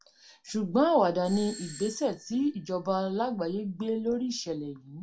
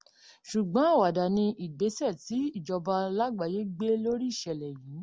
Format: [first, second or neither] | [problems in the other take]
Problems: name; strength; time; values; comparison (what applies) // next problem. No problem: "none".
second | background sound (Doorbell); 19 dB below the speech // room echo; dies away in 0.2 s